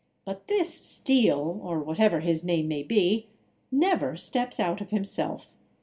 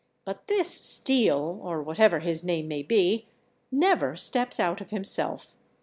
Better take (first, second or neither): second